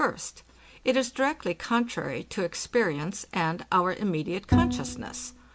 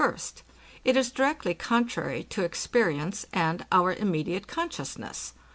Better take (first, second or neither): second